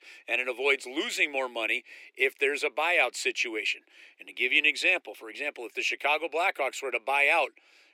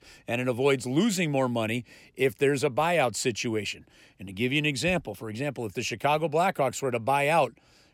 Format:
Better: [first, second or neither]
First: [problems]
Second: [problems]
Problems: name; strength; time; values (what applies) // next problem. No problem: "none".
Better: second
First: thin; very; fading below 350 Hz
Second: none